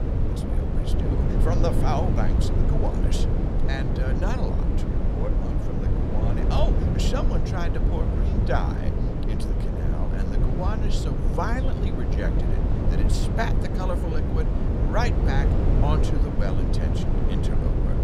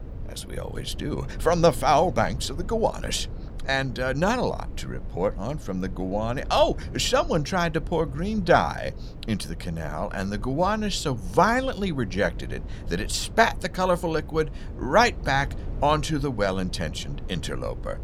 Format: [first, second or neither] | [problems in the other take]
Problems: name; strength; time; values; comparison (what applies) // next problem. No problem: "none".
second | low rumble; loud; throughout; 1 dB below the speech; faint in the second